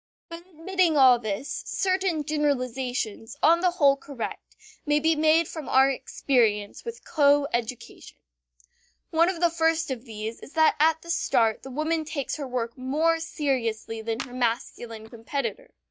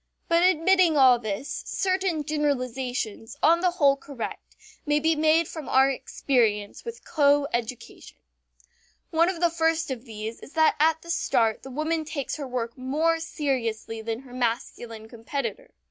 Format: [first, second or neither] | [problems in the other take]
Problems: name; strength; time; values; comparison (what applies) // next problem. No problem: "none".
second | noise reduction (neural mask model DeepFilterNet 3)